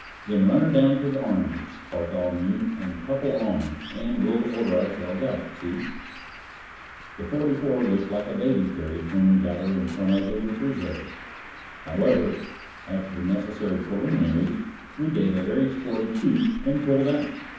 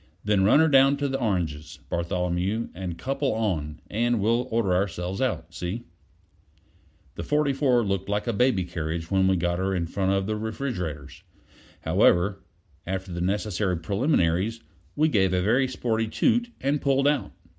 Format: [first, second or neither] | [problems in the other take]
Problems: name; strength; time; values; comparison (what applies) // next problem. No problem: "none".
second | background sound (Bird); 16 dB below the speech // room echo; dies away in 1.2 s